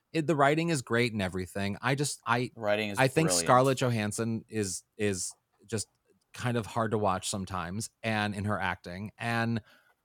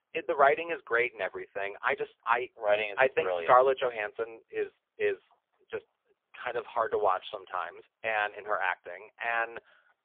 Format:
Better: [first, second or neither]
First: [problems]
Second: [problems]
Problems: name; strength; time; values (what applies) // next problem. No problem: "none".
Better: first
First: none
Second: phone-call audio; poor line; nothing above 3.5 kHz